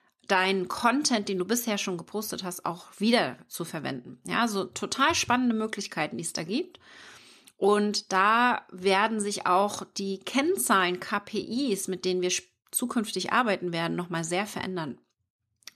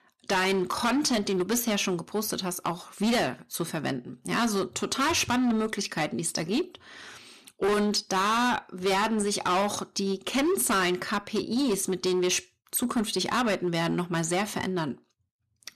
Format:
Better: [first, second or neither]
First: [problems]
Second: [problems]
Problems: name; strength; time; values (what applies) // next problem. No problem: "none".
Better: first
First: none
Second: distortion; heavy; 13% of the sound clipped